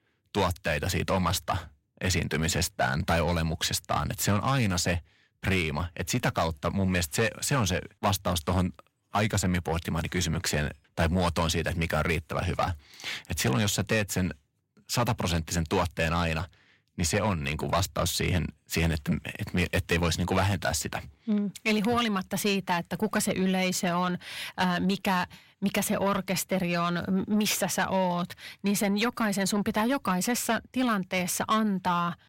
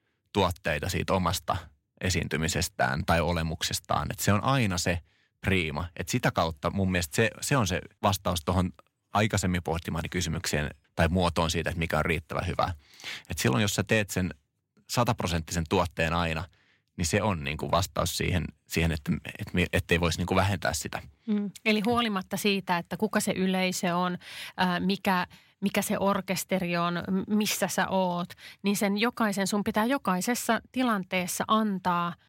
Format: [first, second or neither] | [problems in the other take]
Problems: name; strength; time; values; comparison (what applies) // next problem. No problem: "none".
second | distortion; slight; 10 dB below the speech